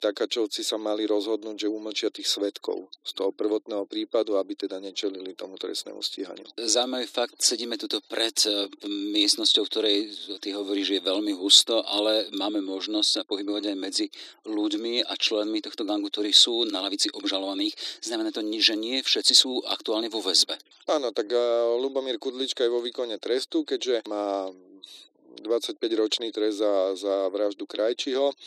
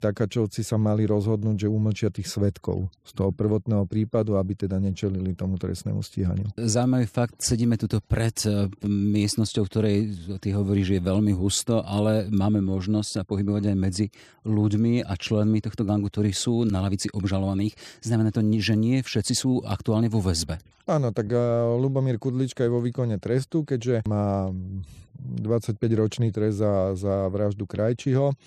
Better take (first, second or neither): second